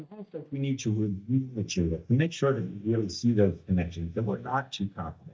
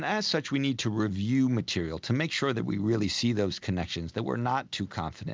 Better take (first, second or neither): second